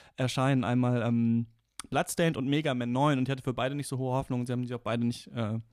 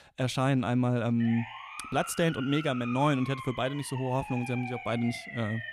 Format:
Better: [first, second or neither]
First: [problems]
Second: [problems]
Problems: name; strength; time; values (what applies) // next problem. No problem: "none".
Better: first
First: none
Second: siren; noticeable; from 1 s on; peak 9 dB below the speech